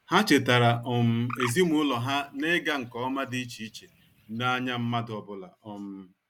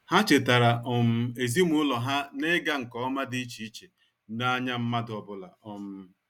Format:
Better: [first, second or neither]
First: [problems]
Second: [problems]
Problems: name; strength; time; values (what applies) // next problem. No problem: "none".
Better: second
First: background sound (Bird); 17 dB below the speech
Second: none